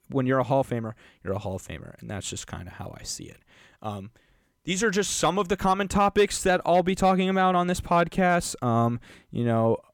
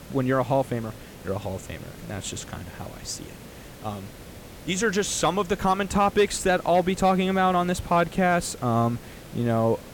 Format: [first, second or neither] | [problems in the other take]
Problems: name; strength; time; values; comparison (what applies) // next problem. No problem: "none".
first | hiss; noticeable; throughout; 20 dB below the speech